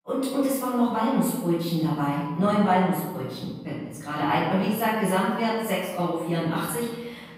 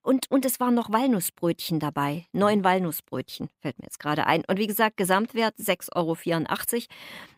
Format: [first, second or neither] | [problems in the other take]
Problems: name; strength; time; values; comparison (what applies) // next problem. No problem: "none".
second | room echo; strong; dies away in 1.1 s // off-mic speech; far